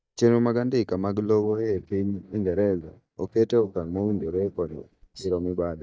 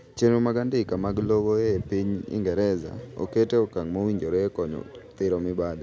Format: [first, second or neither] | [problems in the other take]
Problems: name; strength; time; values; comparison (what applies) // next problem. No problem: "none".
second | noise reduction (neural mask model DeepFilterNet 3)